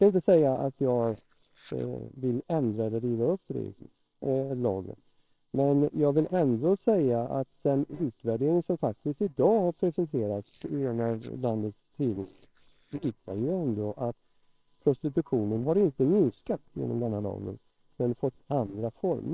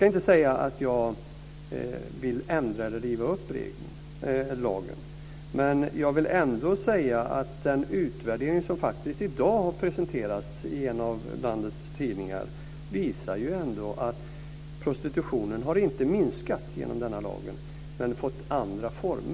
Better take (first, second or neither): second